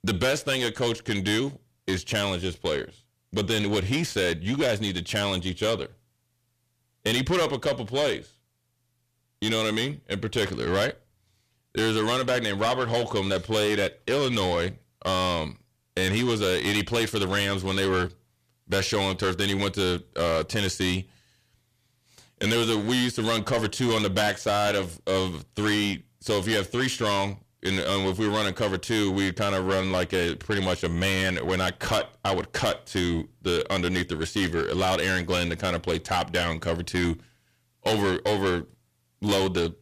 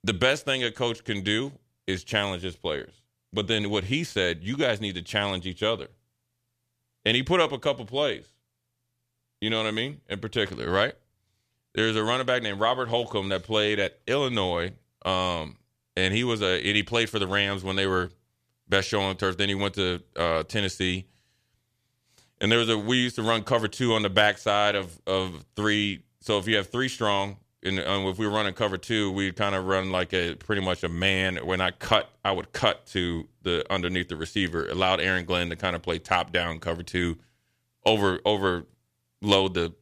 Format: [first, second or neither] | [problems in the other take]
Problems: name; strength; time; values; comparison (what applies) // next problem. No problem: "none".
second | distortion; heavy; 7 dB below the speech